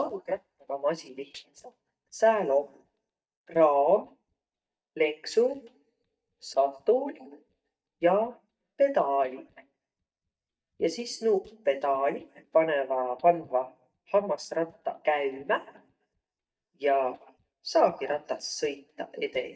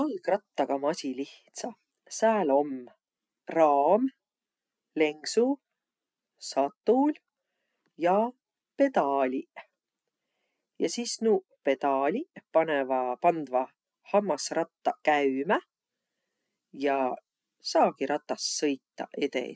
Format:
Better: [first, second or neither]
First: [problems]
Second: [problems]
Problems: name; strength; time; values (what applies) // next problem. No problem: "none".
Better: second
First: noise reduction (neural mask model DeepFilterNet 3)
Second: none